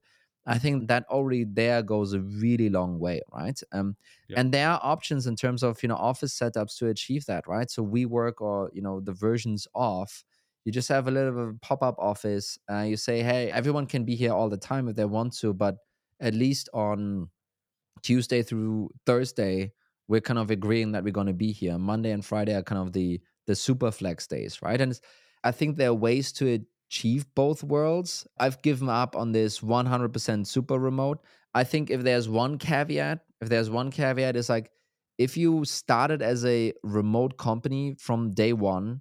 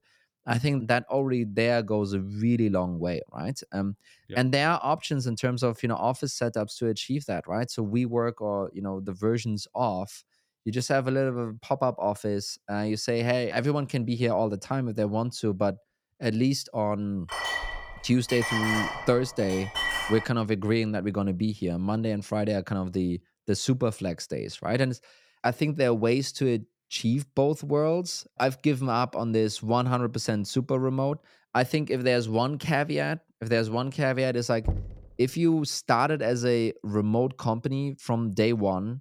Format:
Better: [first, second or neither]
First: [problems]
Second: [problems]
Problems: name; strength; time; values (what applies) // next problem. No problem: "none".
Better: first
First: none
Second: clattering dishes; loud; from 17 to 20 s; peak 1 dB above the speech // door banging; noticeable; at 35 s; peak 5 dB below the speech